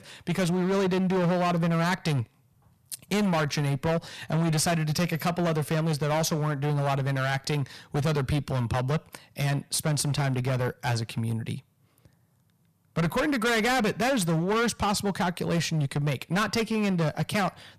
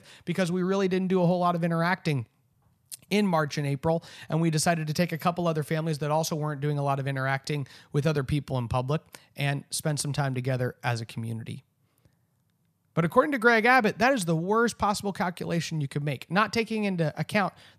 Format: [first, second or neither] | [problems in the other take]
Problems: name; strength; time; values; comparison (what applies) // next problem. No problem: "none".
second | distortion; heavy; 21% of the sound clipped